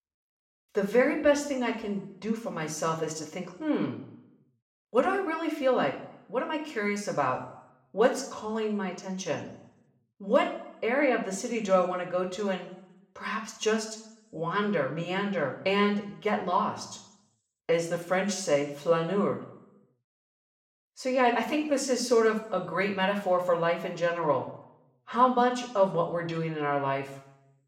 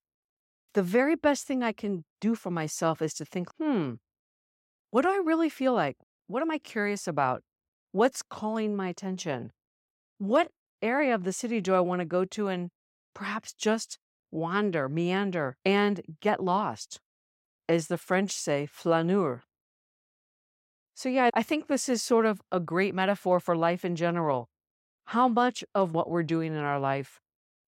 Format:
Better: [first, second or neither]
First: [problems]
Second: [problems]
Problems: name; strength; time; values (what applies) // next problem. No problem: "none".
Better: second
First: room echo; slight; dies away in 0.6 s // off-mic speech; somewhat distant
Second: none